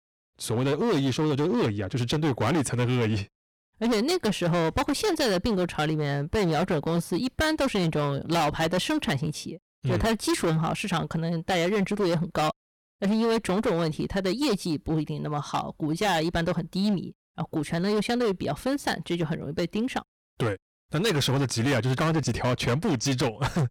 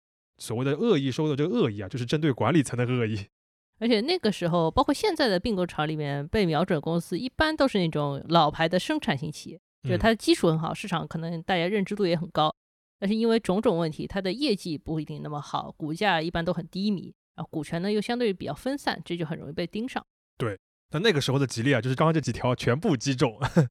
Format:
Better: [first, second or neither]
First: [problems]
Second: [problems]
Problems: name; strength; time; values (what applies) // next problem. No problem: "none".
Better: second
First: distortion; heavy; 19% of the sound clipped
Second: none